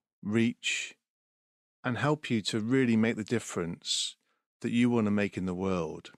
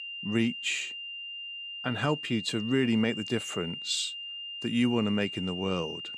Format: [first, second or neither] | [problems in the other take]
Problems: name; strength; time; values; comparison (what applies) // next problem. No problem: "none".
first | high-pitched whine; loud; throughout; 3 kHz, 7 dB below the speech